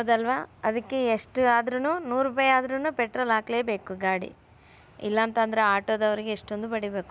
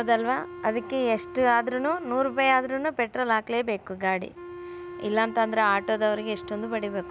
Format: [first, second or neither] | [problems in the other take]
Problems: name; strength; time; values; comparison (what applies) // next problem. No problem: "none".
first | background sound (Wind instrument, woodwind instrument); 15 dB below the speech